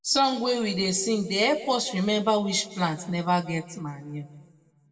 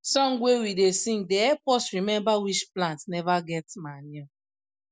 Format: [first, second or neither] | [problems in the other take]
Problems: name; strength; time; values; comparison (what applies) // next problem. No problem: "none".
second | room echo; dies away in 1.3 s